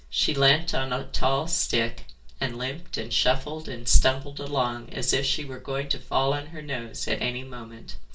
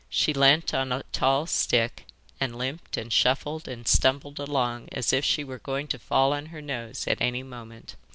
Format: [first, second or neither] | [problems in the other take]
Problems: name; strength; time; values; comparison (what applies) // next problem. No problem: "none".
second | room echo; dies away in 0.2 s